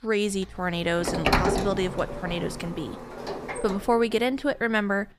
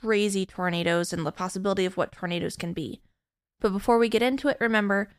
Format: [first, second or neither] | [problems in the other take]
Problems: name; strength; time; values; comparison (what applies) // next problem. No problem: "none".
second | door banging; loud; from 1 to 4 s; peak 4 dB above the speech